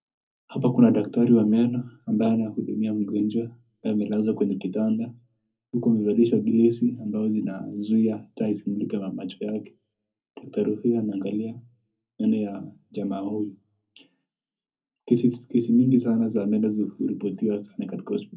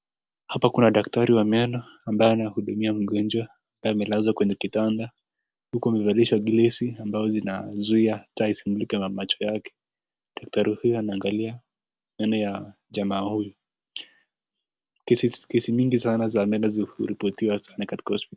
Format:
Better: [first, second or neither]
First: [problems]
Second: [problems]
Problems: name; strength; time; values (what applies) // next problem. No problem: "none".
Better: second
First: room echo; dies away in 0.3 s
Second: none